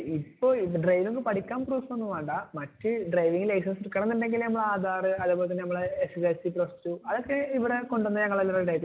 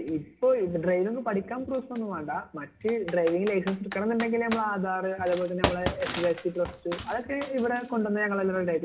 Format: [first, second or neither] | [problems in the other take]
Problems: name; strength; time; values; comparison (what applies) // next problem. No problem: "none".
first | background sound (Computer keyboard); 11 dB below the speech // room echo; dies away in 0.3 s